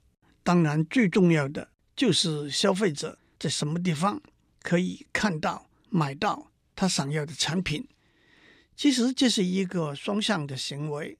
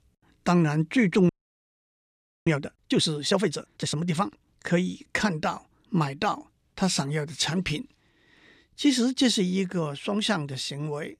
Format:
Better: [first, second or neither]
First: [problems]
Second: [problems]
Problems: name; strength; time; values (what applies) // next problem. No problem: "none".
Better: first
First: none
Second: audio freezing; at 1.5 s for 1 s